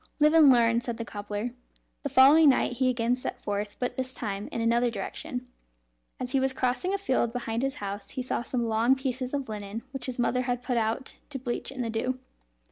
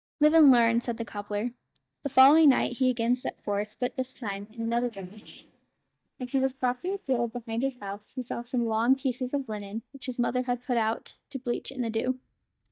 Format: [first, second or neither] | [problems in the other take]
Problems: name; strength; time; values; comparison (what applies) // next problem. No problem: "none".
first | noise reduction (neural mask model DeepFilterNet 3)